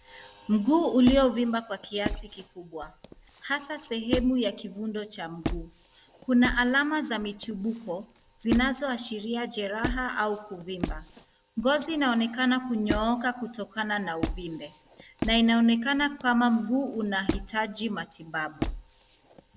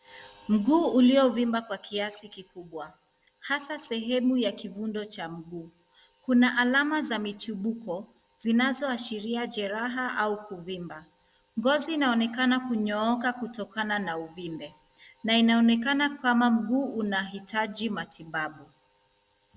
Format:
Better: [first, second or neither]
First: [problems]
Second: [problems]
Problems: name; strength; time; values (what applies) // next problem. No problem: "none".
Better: second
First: background sound (Squeak); 10 dB below the speech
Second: none